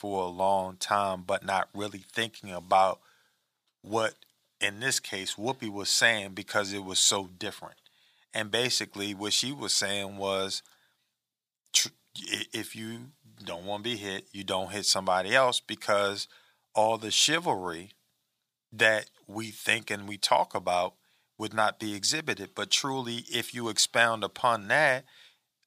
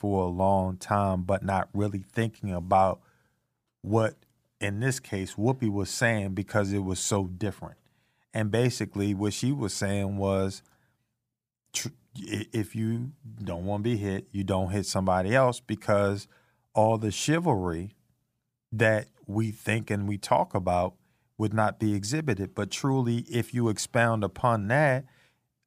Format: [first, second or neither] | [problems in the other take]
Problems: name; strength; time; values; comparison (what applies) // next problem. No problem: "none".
second | thin; somewhat; fading below 1 kHz